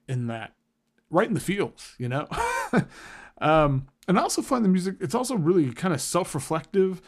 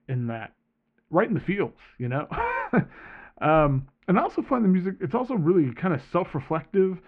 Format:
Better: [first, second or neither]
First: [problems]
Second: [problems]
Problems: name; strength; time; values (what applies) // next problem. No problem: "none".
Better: first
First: none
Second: muffled; very; fading above 2.5 kHz